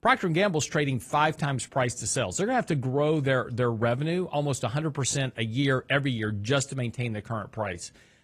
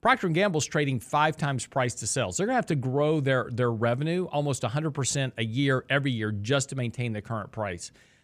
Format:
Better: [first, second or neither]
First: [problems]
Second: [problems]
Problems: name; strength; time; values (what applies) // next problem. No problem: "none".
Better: second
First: garbled, watery; slightly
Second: none